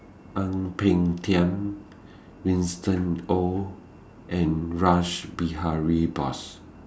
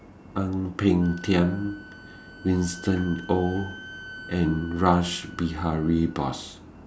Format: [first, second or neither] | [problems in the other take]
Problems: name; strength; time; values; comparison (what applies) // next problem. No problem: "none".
first | background sound (Wind instrument, woodwind instrument); 19 dB below the speech